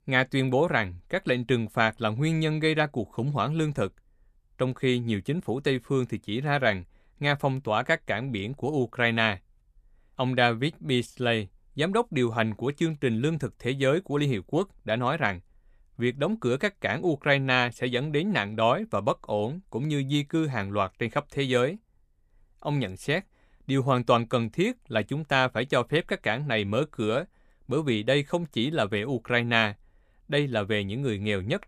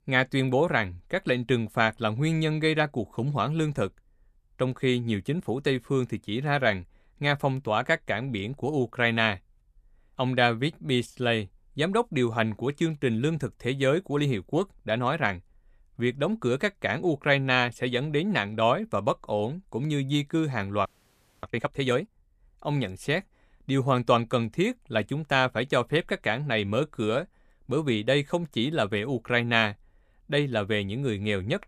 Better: first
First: none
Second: audio freezing; at 21 s for 0.5 s

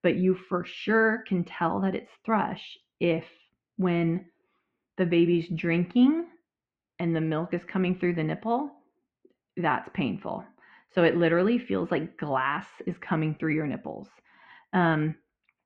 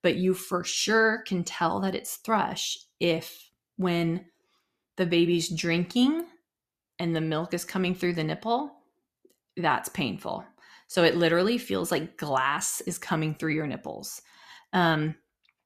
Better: second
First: muffled; very; fading above 2.5 kHz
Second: none

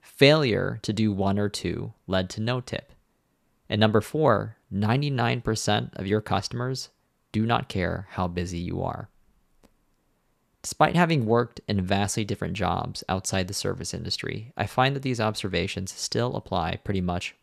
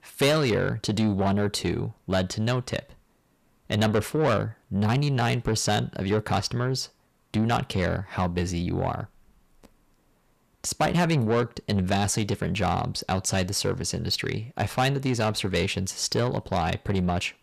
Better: first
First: none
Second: distortion; heavy; 8 dB below the speech

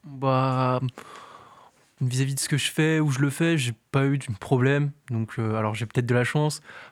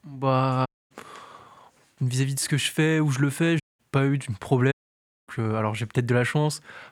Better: first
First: none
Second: audio cutting out; at 0.5 s, at 3.5 s and at 4.5 s for 0.5 s

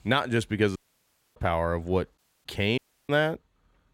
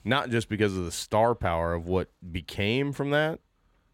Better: second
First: audio cutting out; at 1 s for 0.5 s, at 2 s and at 3 s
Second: none

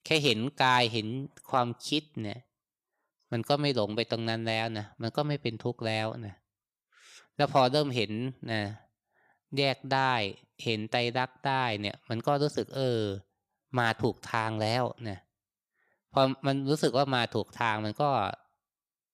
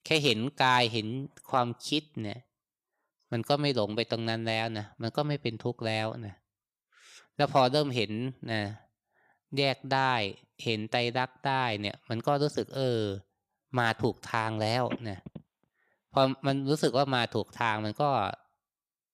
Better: first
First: none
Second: phone ringing; faint; from 15 to 17 s; peak 10 dB below the speech

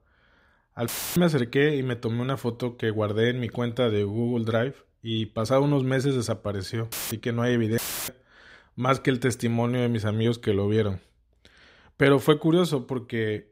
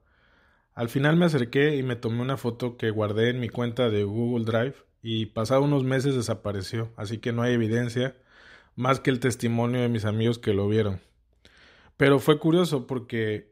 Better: second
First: audio cutting out; filled with static; at 1 s, at 7 s and at 8 s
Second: none

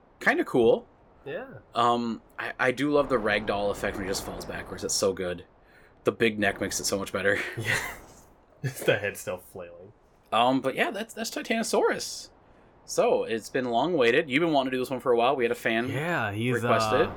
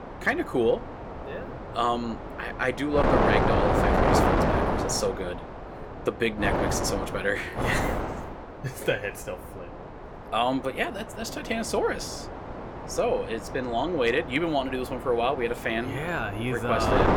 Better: first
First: wind noise on the microphone; occasional gusts; 25 dB below the speech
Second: wind noise on the microphone; heavy; 2 dB below the speech

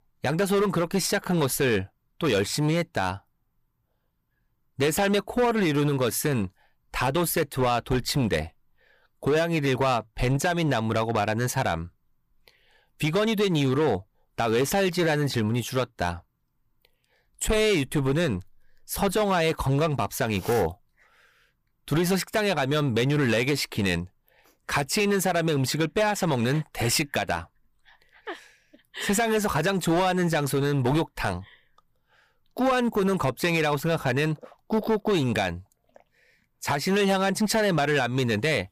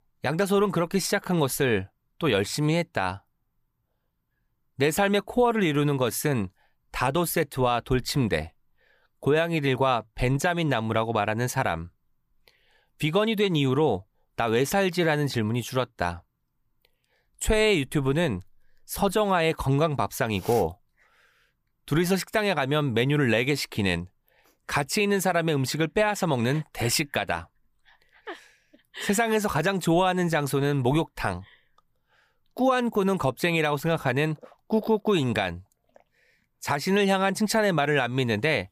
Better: second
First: distortion; slight; 8% of the sound clipped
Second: none

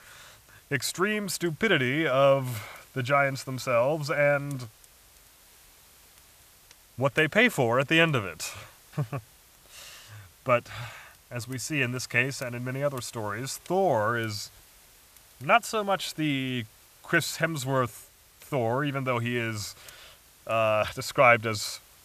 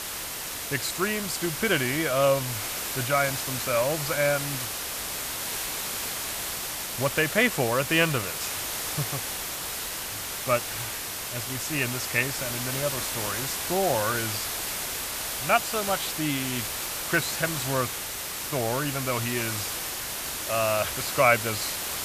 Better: first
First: hiss; faint; throughout; 25 dB below the speech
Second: hiss; loud; throughout; 2 dB below the speech

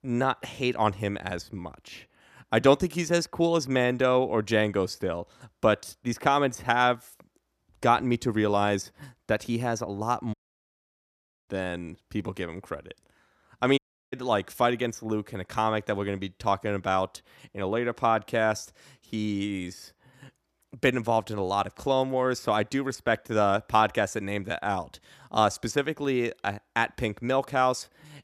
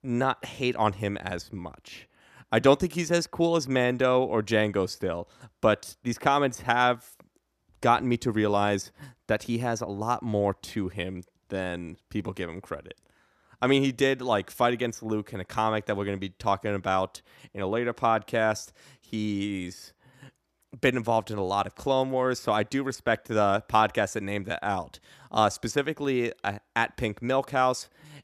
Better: second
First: audio cutting out; at 10 s for 1 s and at 14 s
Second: none

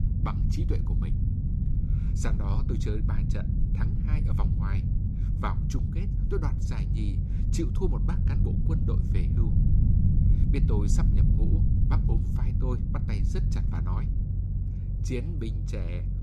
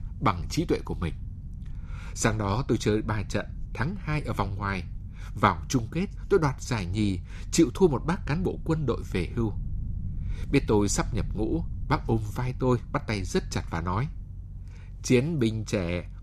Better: second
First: low rumble; loud; throughout; 1 dB below the speech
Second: low rumble; faint; throughout; 25 dB below the speech

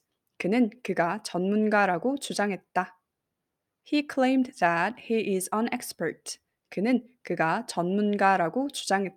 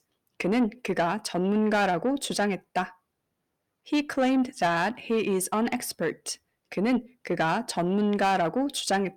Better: first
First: none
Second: distortion; slight; 10 dB below the speech

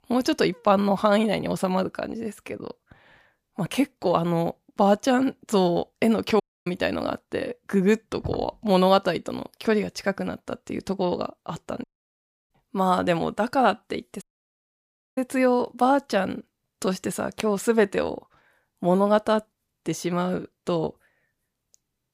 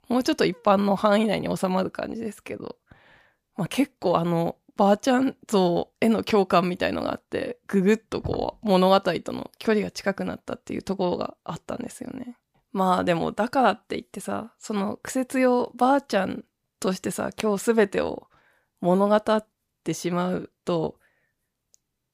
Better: second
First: audio cutting out; at 6.5 s, at 12 s for 0.5 s and at 14 s for 1 s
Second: none

